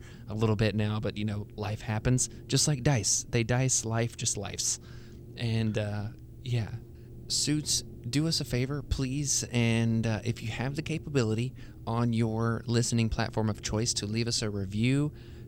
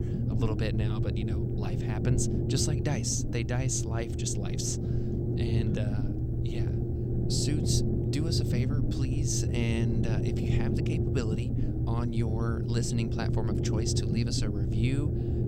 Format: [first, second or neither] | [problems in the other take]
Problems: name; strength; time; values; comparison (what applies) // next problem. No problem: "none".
first | low rumble; loud; throughout; 2 dB below the speech; faint in the first